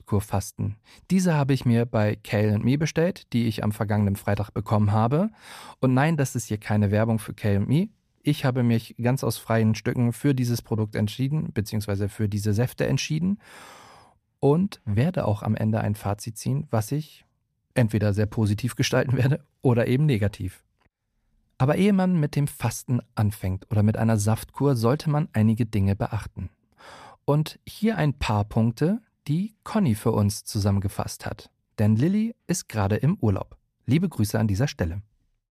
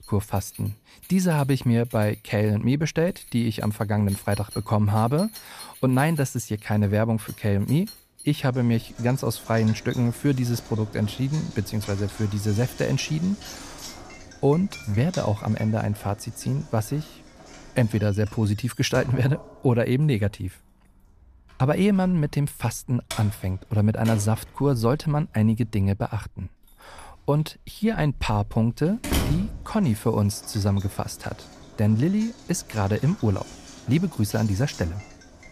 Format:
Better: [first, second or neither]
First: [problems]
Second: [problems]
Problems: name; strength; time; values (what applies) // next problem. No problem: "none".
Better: first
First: none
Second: household noises; noticeable; throughout; 15 dB below the speech